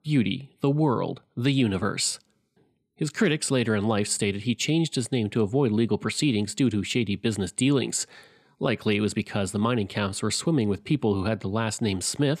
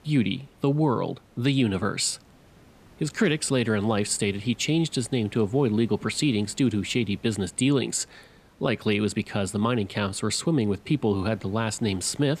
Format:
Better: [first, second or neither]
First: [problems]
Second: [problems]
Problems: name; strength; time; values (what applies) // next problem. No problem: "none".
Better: first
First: none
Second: hiss; faint; throughout; 30 dB below the speech